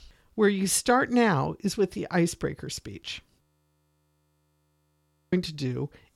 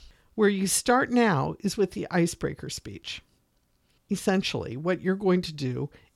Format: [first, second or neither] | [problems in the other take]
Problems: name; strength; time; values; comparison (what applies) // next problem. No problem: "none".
second | audio freezing; at 3.5 s for 2 s